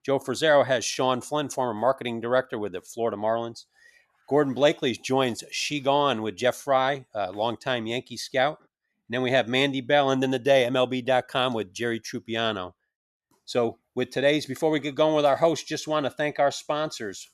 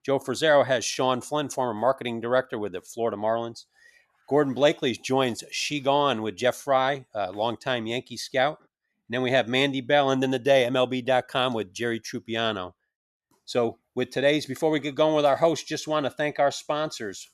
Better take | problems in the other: neither | none

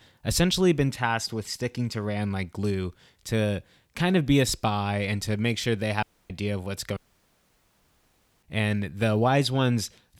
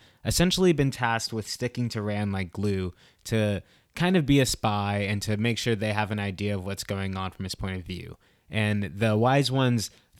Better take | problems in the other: second | audio cutting out; at 6 s and at 7 s for 1.5 s

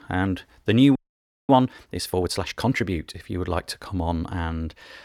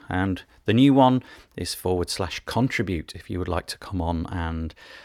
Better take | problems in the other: second | audio freezing; at 1 s for 0.5 s

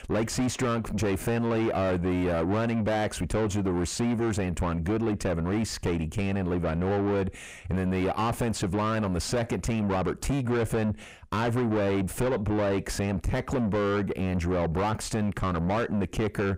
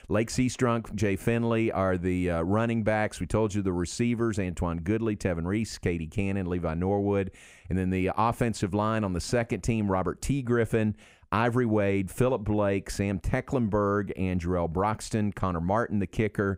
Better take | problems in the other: second | distortion; heavy; 7 dB below the speech

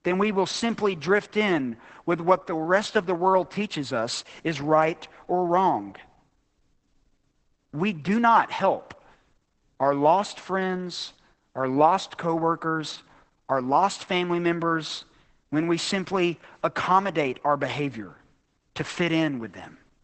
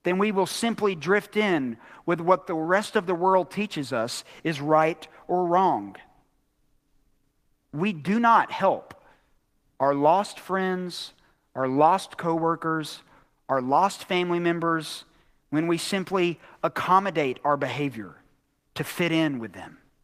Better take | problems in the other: second | garbled, watery; badly; nothing above 8 kHz; slightly in the second

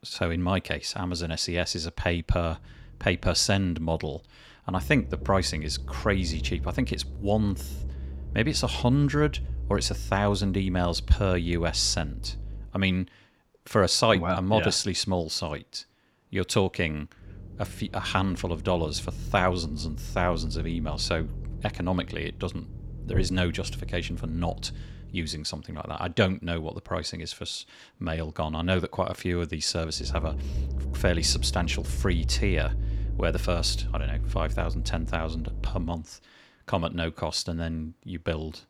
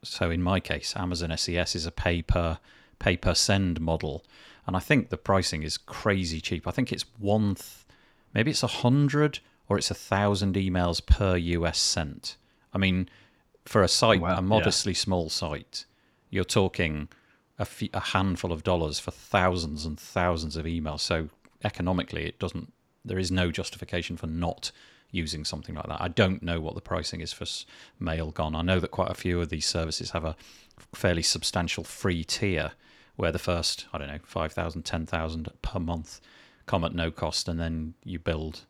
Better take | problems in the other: second | low rumble; faint; from 2.5 to 13 s, from 17 to 25 s and from 30 to 36 s; 20 dB below the speech

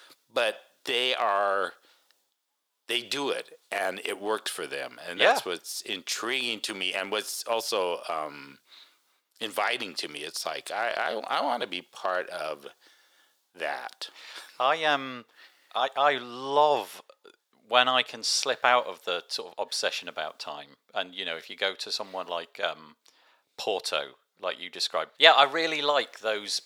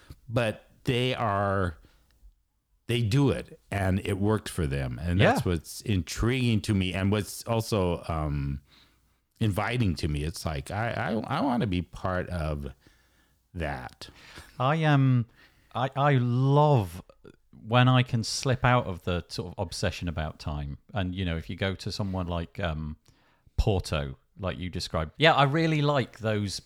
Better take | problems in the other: second | thin; very; fading below 450 Hz

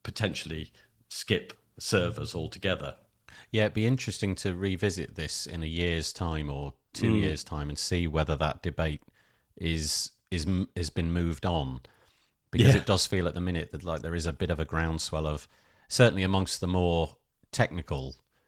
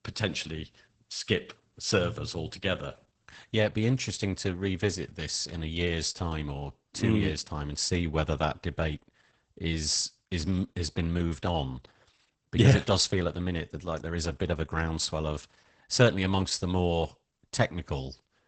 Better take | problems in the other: first | garbled, watery; badly; nothing above 8 kHz; slightly in the first

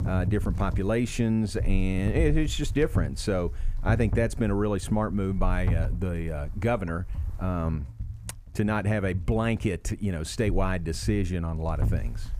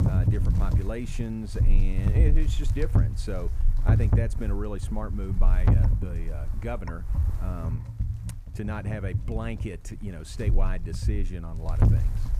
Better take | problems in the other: first | wind noise on the microphone; heavy; 3 dB below the speech; occasional gusts in the first

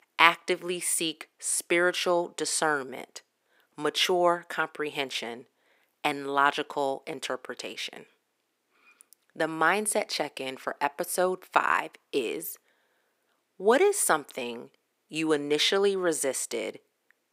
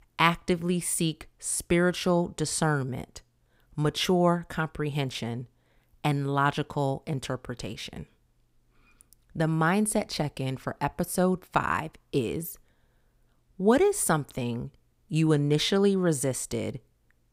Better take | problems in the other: second | thin; somewhat; fading below 350 Hz

